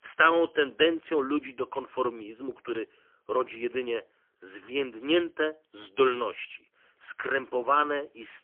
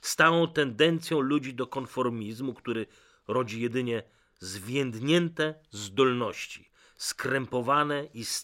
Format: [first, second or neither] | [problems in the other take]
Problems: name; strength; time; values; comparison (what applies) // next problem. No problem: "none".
second | phone-call audio; poor line; nothing above 3 kHz